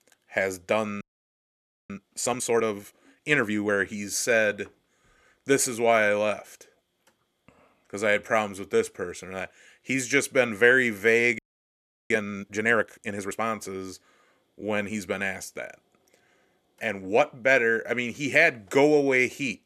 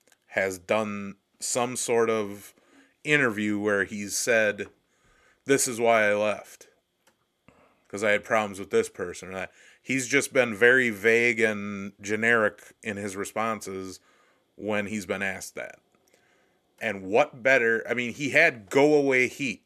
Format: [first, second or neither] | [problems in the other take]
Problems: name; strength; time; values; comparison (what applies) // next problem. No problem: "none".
second | audio freezing; at 1 s for 1 s and at 11 s for 0.5 s